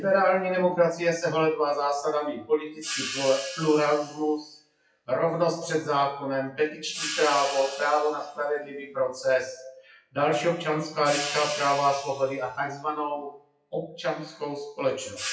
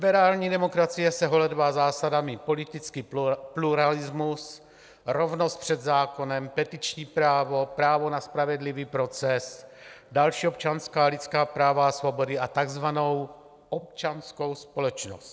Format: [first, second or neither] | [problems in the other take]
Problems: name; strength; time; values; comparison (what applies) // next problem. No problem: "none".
second | noise reduction (classical method WPE with log-MMSE)